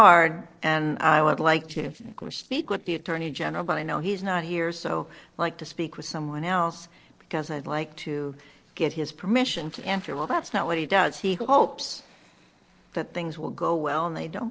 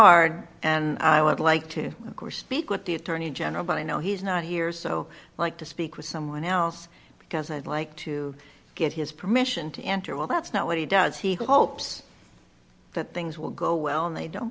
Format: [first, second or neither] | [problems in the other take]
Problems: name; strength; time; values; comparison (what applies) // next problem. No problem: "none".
second | noise reduction (neural separator model SepFormer DNS4)